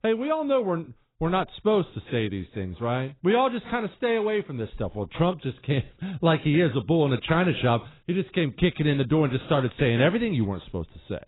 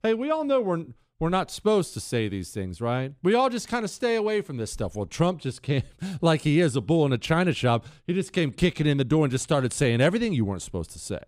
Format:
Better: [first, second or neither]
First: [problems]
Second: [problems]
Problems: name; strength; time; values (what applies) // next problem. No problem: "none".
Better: second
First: garbled, watery; badly; nothing above 4 kHz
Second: none